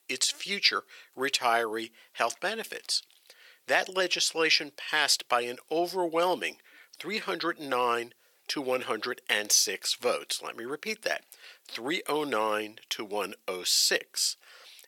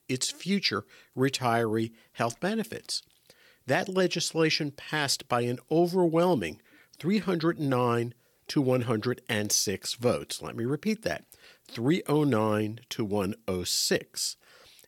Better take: second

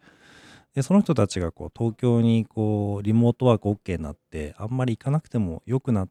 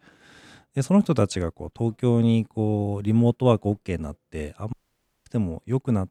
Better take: first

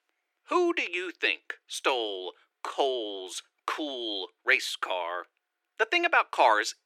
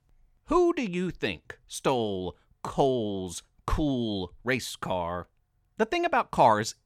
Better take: second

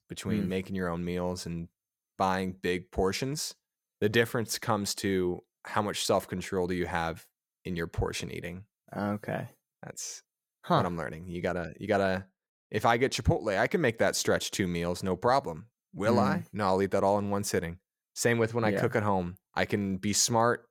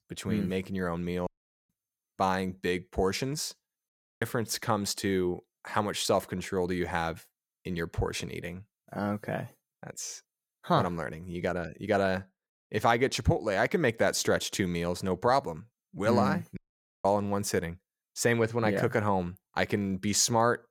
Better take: first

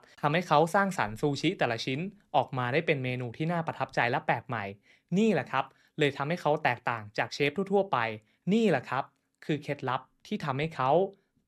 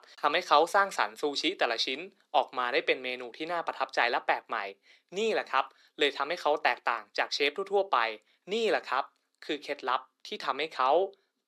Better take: first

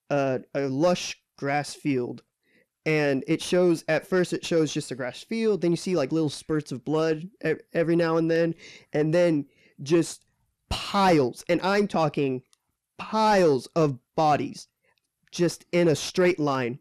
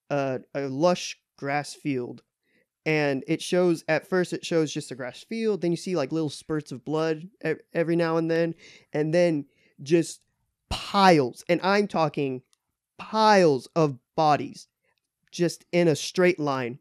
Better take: second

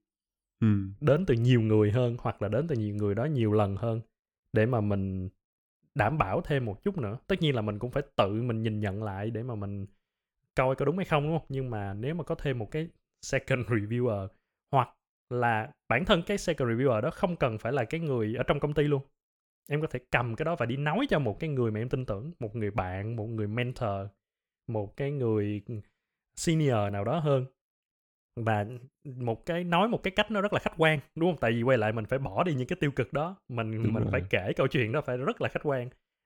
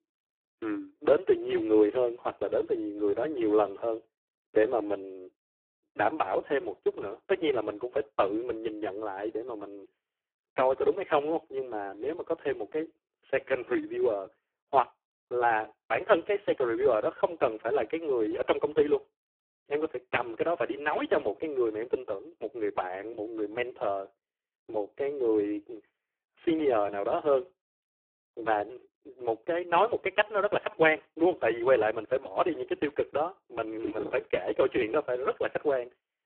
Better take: first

